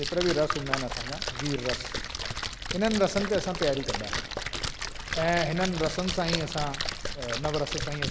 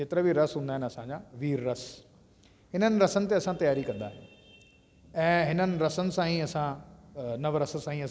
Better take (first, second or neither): second